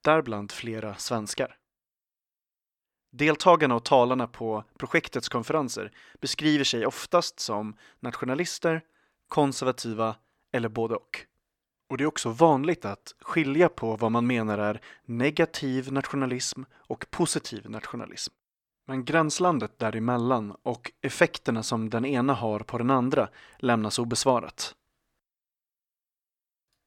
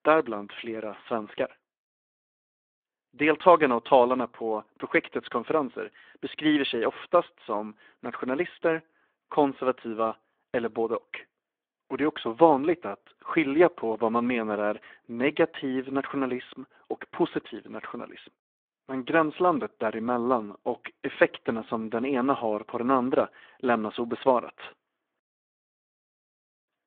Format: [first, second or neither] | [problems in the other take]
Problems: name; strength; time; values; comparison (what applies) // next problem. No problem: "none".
first | phone-call audio; nothing above 3.5 kHz